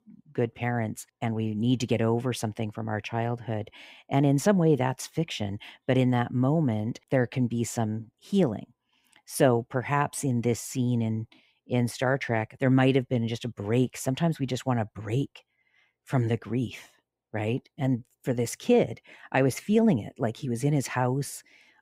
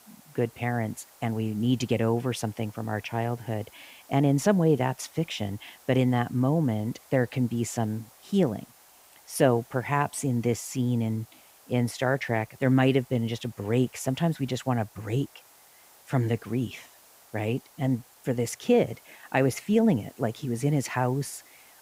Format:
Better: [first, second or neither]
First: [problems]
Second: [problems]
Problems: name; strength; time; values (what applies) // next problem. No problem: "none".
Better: first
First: none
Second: hiss; faint; throughout; 25 dB below the speech